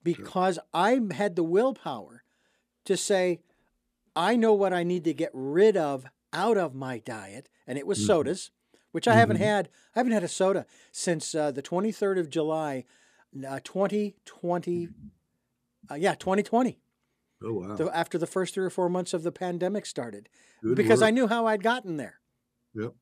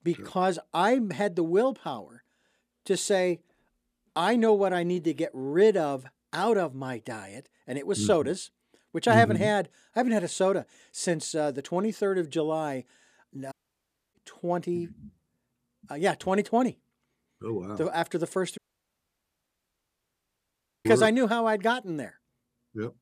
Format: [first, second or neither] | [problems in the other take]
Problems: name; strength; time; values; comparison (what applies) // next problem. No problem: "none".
first | audio cutting out; at 14 s for 0.5 s and at 19 s for 2.5 s